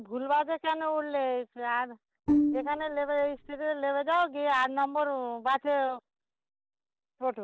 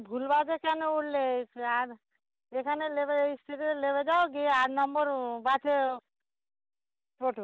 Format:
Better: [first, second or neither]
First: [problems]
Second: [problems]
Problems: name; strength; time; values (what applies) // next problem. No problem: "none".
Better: second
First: noise reduction (neural separator model SepFormer DNS4)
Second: none